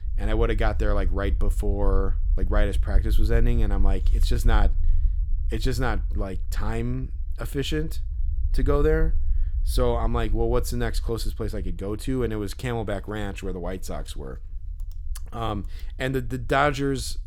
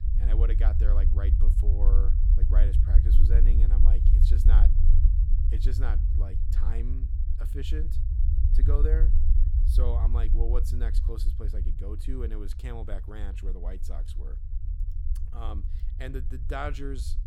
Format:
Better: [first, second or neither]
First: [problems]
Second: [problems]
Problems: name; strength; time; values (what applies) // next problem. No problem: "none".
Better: first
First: low rumble; faint; throughout; 20 dB below the speech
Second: low rumble; loud; throughout; 5 dB below the speech